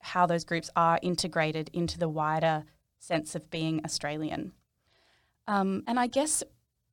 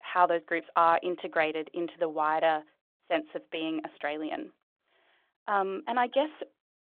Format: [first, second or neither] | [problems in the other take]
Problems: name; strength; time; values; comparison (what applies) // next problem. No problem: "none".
first | phone-call audio